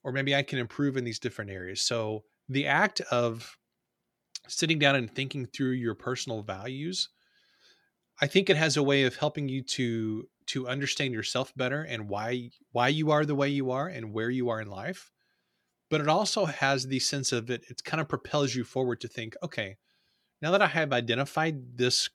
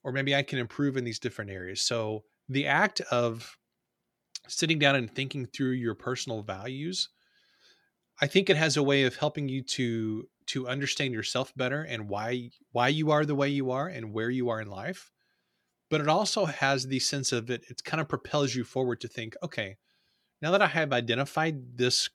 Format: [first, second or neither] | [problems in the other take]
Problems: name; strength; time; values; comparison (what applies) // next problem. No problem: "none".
neither | none